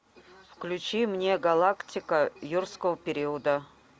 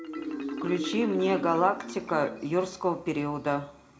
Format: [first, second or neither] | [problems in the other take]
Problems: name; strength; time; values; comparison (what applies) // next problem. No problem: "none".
first | background sound (Marimba, xylophone); 8 dB below the speech // room echo; dies away in 0.4 s